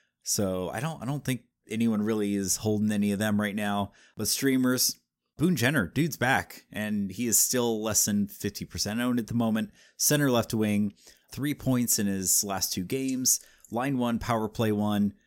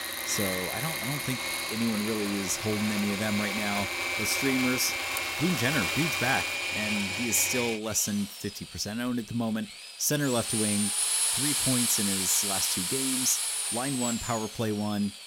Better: first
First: none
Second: machinery noise; very loud; throughout; 2 dB above the speech

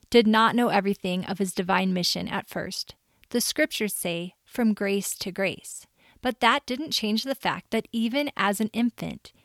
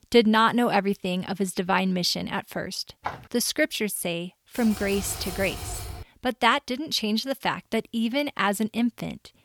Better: first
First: none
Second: footsteps; faint; at 3 s; peak 10 dB below the speech // keyboard typing; noticeable; from 4.5 to 6 s; peak 9 dB below the speech

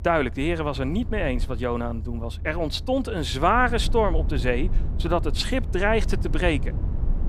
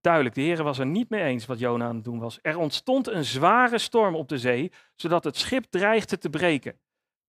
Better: second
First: low rumble; noticeable; throughout; 20 dB below the speech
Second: none

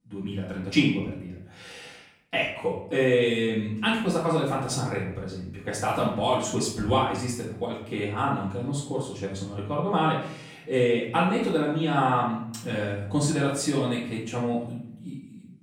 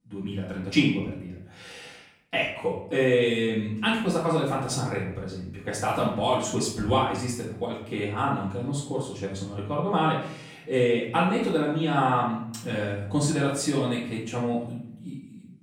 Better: neither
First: room echo; noticeable; dies away in 0.6 s // off-mic speech; far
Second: room echo; noticeable; dies away in 0.6 s // off-mic speech; far

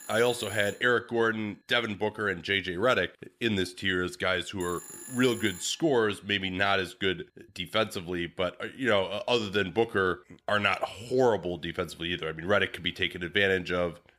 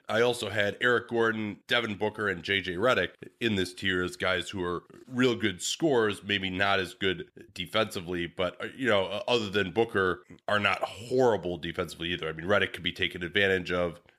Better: second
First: alarms or sirens; noticeable; throughout; 15 dB below the speech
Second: none

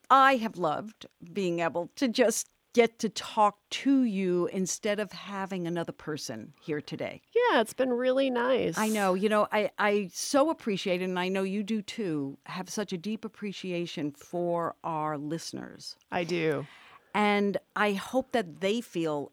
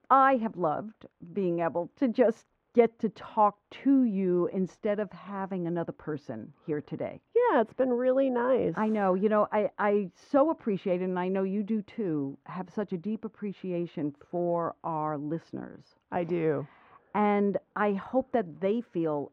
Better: first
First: none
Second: muffled; very; fading above 4 kHz

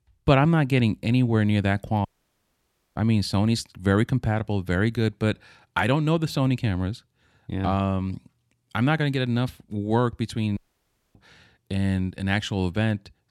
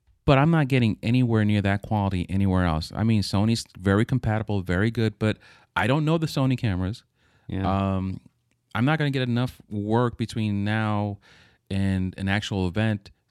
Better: second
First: audio cutting out; at 2 s for 1 s and at 11 s for 0.5 s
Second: none

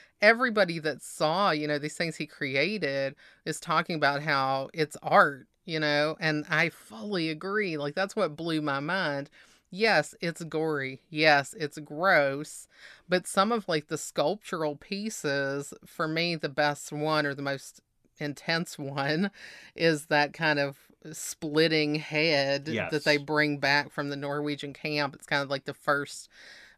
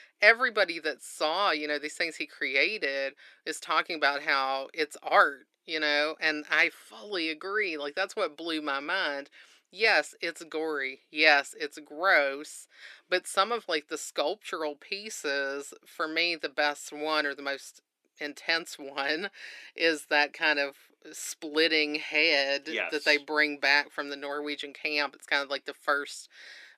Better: first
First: none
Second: thin; somewhat; fading below 350 Hz

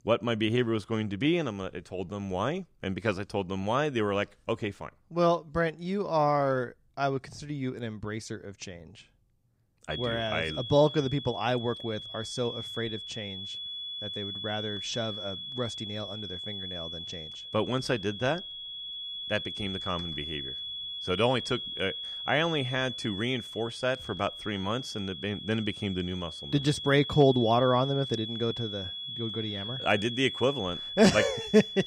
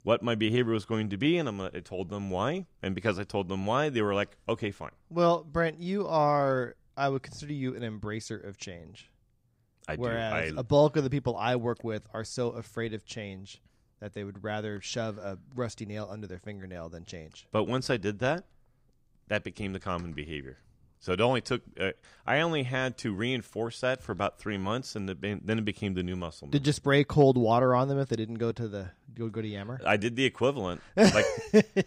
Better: second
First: high-pitched whine; loud; from 10 s on; 3.5 kHz, 7 dB below the speech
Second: none

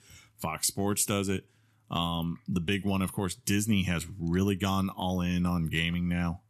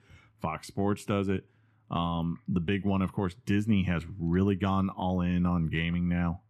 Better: first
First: none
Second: muffled; very; fading above 4 kHz

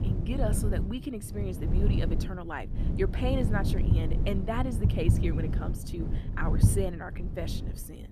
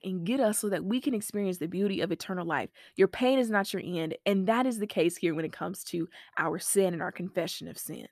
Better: second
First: wind noise on the microphone; heavy; 5 dB below the speech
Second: none

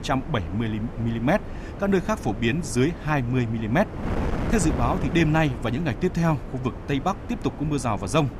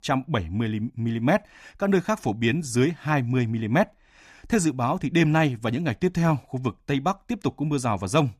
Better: second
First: wind noise on the microphone; occasional gusts; 10 dB below the speech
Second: none

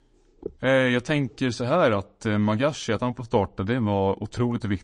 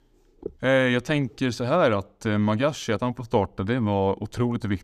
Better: second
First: garbled, watery; slightly; nothing above 9 kHz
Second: none

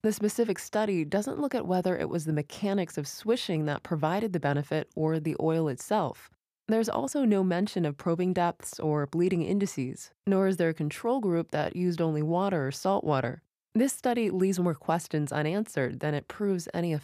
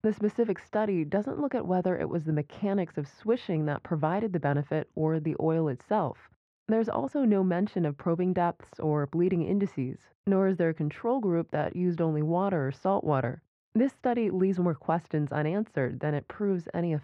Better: first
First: none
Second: muffled; very; fading above 2 kHz

